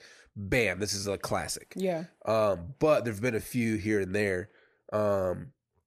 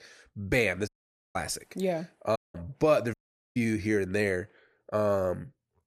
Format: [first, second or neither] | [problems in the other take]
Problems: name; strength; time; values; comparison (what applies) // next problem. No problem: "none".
first | audio cutting out; at 1 s, at 2.5 s and at 3 s